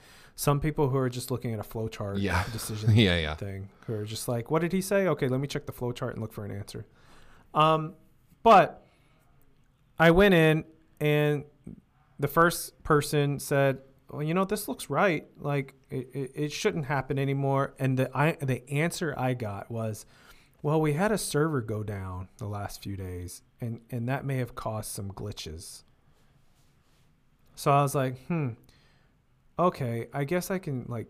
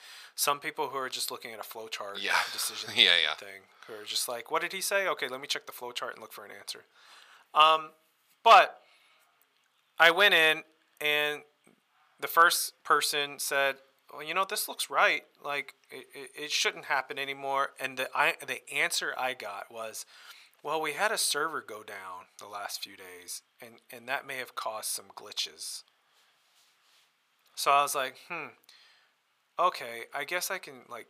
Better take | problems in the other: first | thin; very; fading below 850 Hz

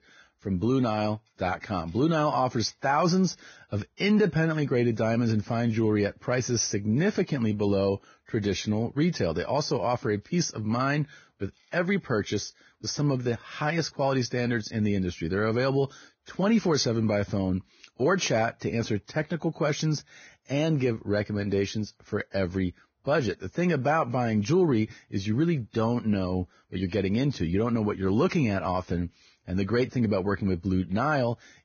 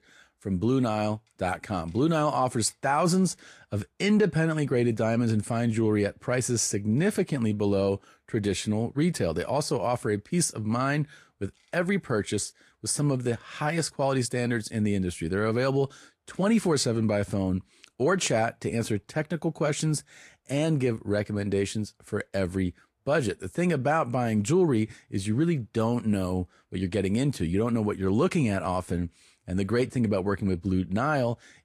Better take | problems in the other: second | garbled, watery; badly; nothing above 6.5 kHz; slightly in the second

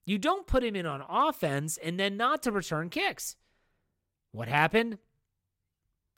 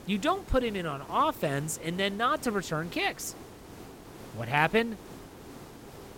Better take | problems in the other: first | hiss; noticeable; throughout; 15 dB below the speech

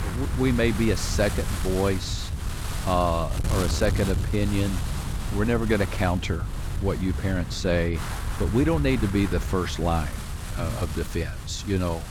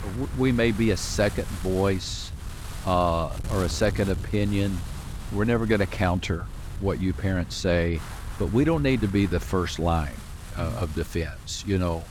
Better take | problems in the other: second | wind noise on the microphone; heavy; 9 dB below the speech; occasional gusts in the second

